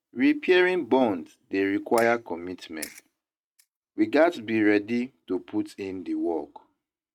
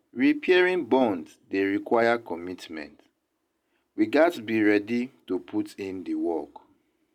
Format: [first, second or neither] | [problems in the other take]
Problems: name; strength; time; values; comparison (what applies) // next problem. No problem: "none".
second | noise reduction (neural mask model RNNoise)